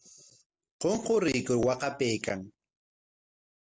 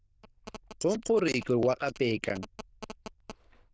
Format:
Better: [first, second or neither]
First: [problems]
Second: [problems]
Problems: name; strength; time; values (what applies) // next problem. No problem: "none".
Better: first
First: none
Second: noise reduction (neural diffusion model UNIVERSE++)